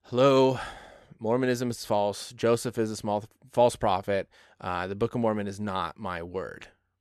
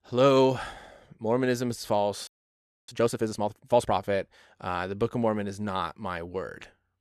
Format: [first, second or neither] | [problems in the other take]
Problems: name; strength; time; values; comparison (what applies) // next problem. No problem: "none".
first | audio freezing; at 2.5 s for 0.5 s